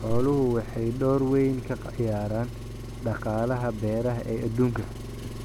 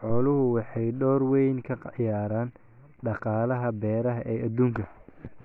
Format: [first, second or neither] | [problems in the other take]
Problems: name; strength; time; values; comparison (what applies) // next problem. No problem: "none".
second | background sound (Engine); 10 dB below the speech